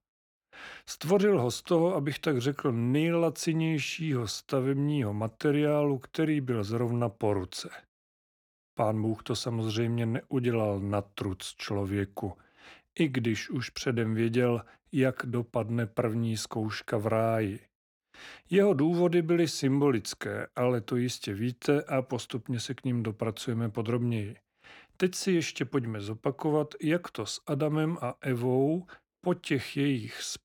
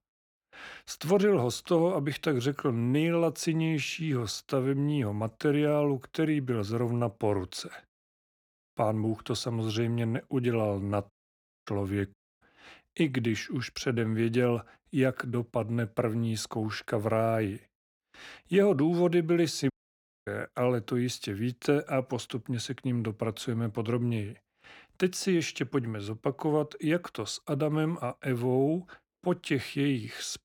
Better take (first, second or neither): first